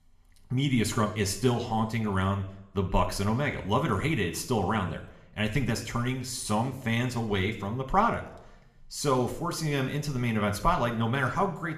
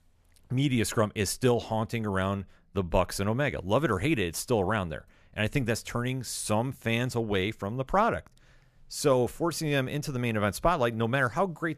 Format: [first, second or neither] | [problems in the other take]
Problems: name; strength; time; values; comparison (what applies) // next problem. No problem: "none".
second | room echo; slight; dies away in 0.6 s